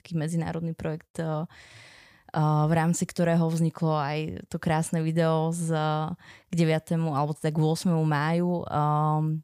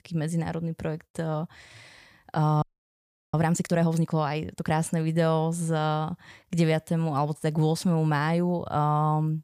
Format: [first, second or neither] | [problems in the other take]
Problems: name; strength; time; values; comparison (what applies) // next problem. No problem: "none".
first | audio freezing; at 2.5 s for 0.5 s